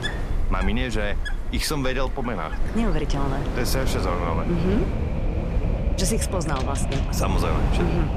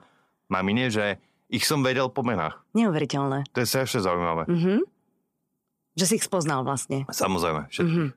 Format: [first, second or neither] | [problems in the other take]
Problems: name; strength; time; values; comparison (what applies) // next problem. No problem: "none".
second | wind in the background; loud; throughout; as loud as the speech